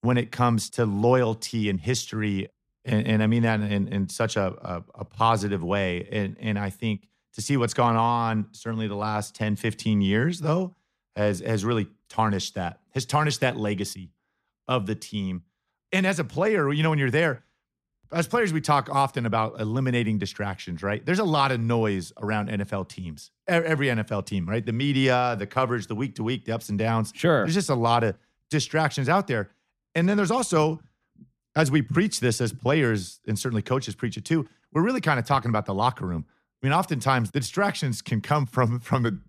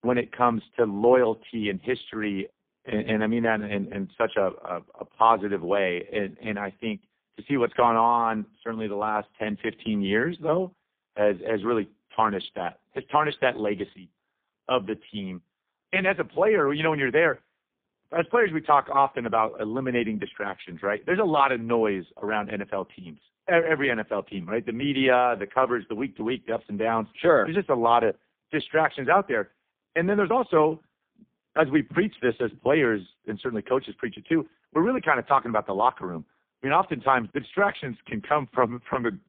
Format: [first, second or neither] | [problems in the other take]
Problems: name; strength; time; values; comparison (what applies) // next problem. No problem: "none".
first | phone-call audio; poor line